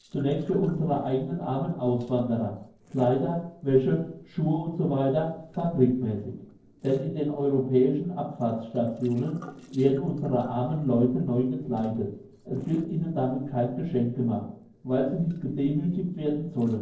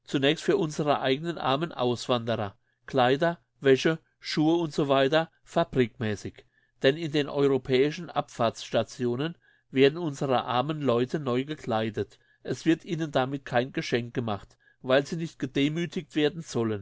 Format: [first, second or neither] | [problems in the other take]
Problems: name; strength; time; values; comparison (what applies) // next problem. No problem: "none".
second | noise reduction (neural separator model SepFormer DNS4)